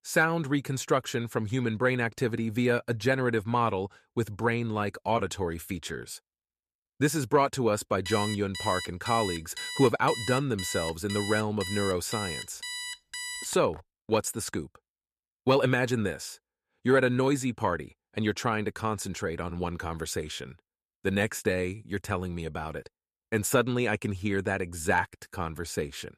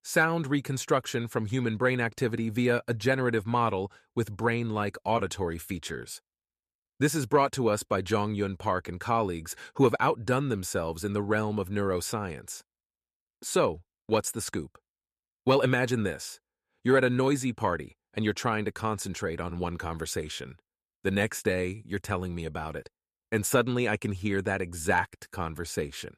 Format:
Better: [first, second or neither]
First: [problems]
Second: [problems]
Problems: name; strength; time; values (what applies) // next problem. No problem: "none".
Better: second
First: alarm; noticeable; from 8 to 14 s; peak 6 dB below the speech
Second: none